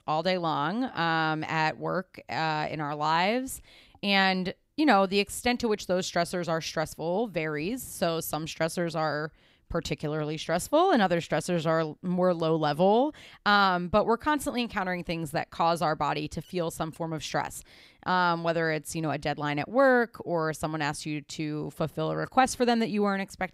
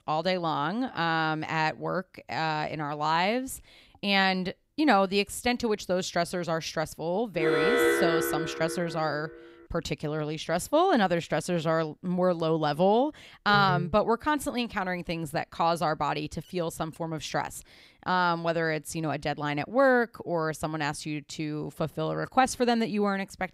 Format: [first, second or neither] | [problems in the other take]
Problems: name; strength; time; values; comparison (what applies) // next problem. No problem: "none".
first | alarm; loud; from 7.5 to 9 s; peak 5 dB above the speech // phone ringing; noticeable; at 13 s; peak 4 dB below the speech